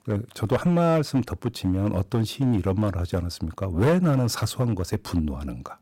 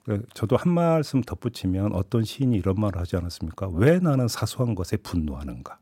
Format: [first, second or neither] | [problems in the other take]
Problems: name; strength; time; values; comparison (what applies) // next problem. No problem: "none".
second | distortion; slight; 6% of the sound clipped